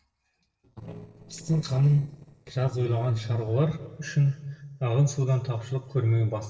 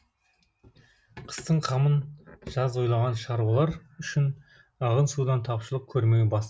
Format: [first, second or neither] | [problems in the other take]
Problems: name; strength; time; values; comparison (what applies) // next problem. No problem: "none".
second | noise reduction (neural separator model SepFormer DNS4)